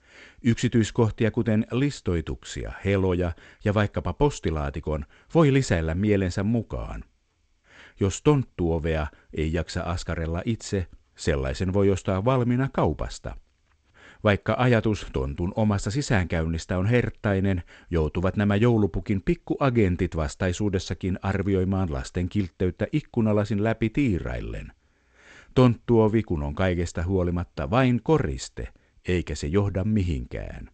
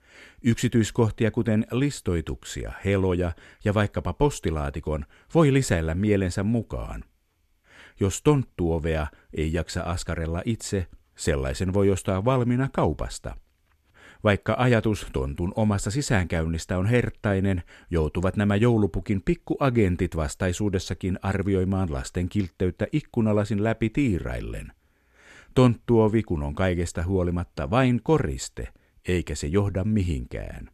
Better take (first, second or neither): second